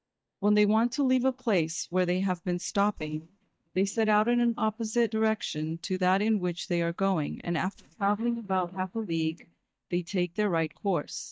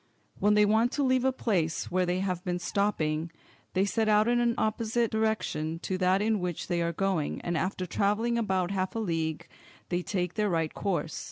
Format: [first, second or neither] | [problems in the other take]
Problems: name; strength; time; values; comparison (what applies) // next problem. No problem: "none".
second | noise reduction (neural mask model DeepFilterNet 3)